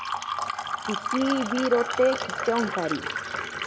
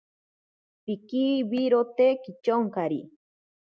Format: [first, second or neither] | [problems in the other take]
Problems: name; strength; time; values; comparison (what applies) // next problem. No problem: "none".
second | background sound (Fill (with liquid)); 3 dB below the speech